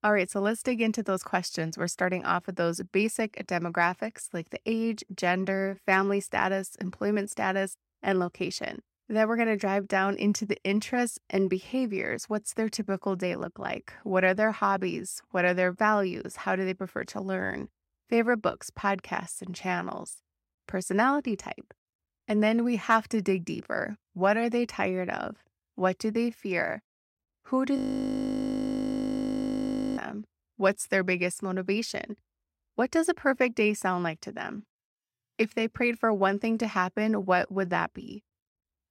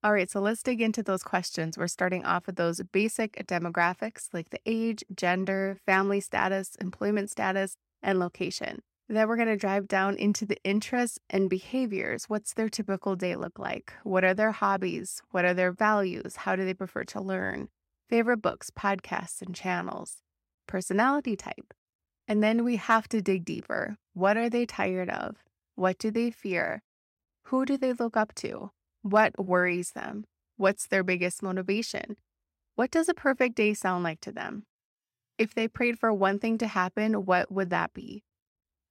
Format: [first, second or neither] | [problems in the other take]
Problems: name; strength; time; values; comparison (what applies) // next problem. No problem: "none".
second | audio freezing; at 28 s for 2 s